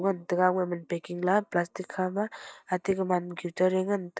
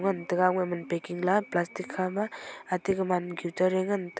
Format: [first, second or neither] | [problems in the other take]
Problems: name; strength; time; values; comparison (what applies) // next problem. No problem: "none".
second | noise reduction (neural mask model DeepFilterNet 3)